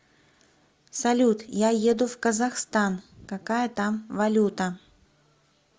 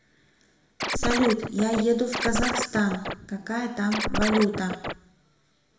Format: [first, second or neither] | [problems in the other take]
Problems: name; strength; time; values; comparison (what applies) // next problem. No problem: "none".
first | background sound (Scratching (performance technique)); 2 dB below the speech // room echo; dies away in 0.8 s